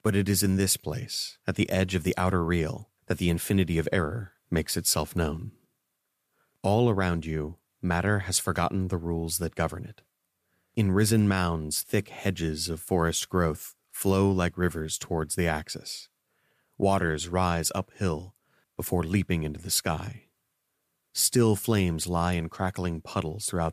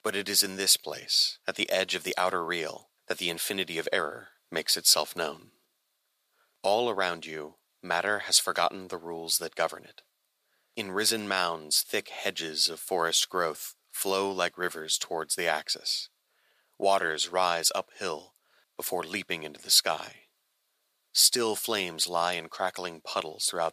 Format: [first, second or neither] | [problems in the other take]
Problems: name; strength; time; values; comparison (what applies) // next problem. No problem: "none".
first | thin; very; fading below 550 Hz